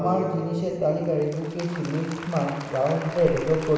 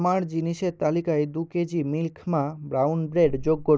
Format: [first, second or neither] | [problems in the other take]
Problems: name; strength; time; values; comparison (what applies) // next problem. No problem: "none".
second | background sound (Applause); 13 dB below the speech // room echo; dies away in 1.3 s